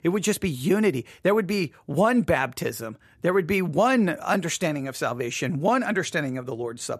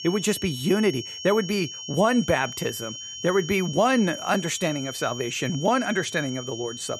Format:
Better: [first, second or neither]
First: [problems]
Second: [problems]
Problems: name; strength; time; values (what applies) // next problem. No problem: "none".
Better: first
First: none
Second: high-pitched whine; loud; throughout; 3 kHz, 10 dB below the speech